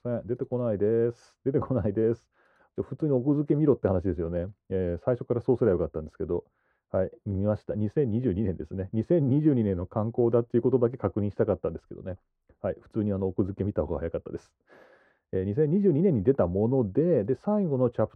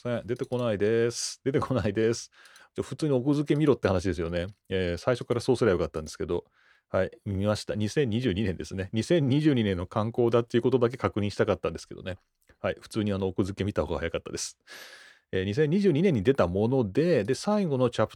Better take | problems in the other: second | muffled; very; fading above 2 kHz

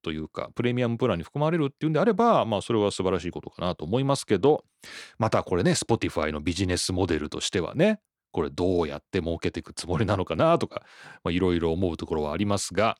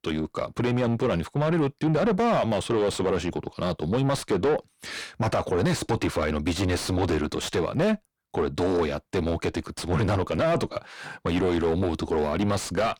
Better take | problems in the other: first | distortion; heavy; 6 dB below the speech

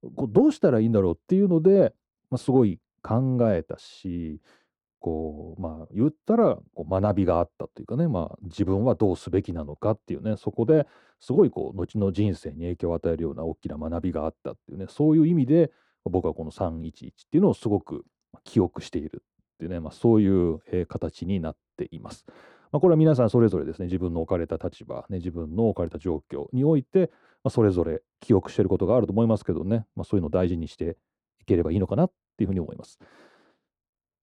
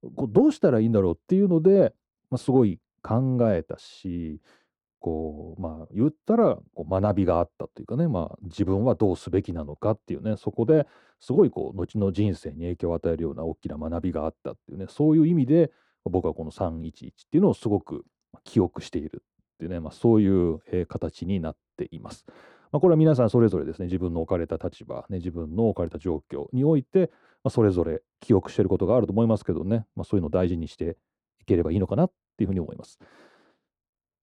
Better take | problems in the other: neither | muffled; very; fading above 1.5 kHz; the same in both

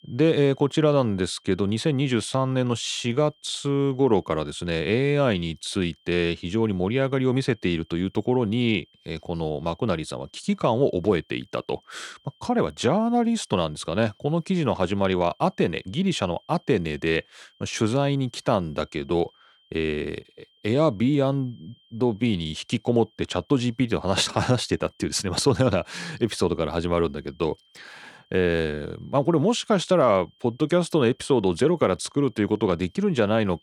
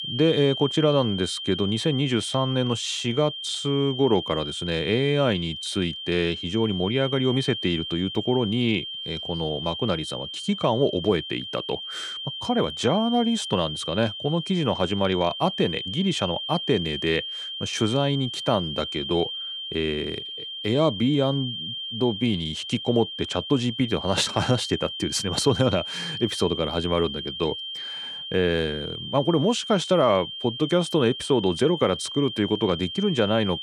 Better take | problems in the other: first | high-pitched whine; loud; throughout; 3 kHz, 7 dB below the speech; faint in the first

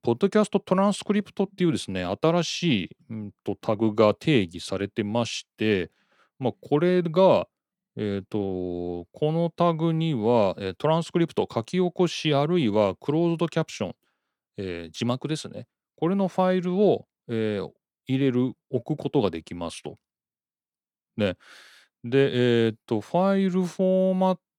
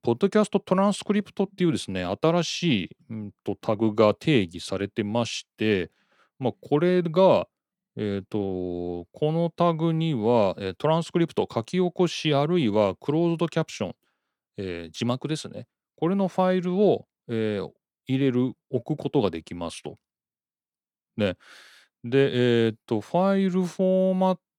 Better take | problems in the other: neither | none

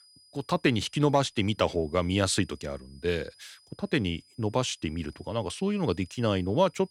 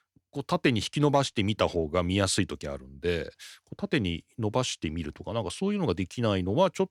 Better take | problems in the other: second | high-pitched whine; faint; throughout; 5 kHz, 30 dB below the speech

